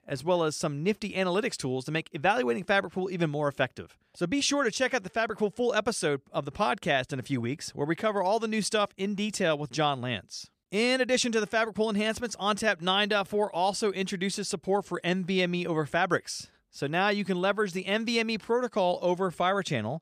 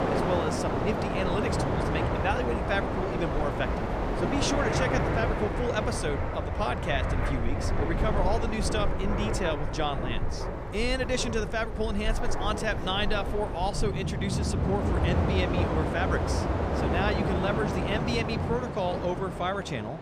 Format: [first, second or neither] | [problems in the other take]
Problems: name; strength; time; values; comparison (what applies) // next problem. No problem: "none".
first | train or aircraft noise; very loud; throughout; 2 dB above the speech